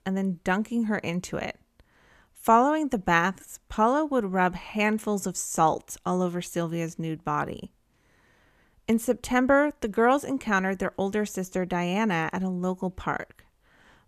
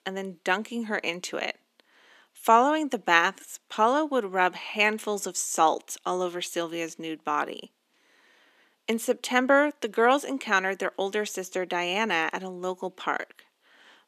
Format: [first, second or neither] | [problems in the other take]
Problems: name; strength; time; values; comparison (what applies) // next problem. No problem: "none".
first | thin; very slightly; fading below 250 Hz